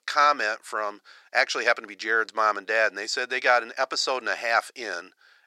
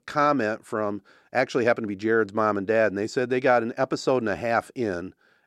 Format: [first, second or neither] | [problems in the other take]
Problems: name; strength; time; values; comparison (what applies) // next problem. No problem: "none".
second | thin; very; fading below 900 Hz